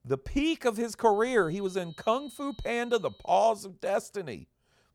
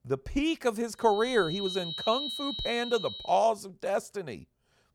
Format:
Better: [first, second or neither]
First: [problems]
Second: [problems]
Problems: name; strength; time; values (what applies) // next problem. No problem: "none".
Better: first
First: high-pitched whine; faint; from 1 to 3.5 s; 4 kHz, 25 dB below the speech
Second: high-pitched whine; loud; from 1 to 3.5 s; 4 kHz, 5 dB below the speech